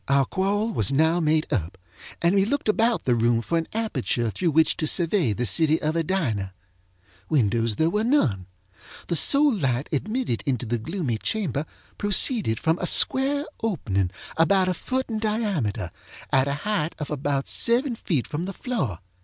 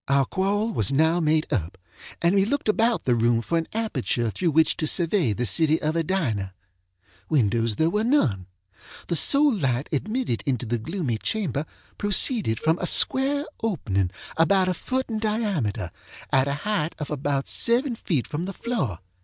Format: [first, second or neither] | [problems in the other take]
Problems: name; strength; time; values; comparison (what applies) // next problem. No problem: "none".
first | noise reduction (neural mask model DeepFilterNet 3)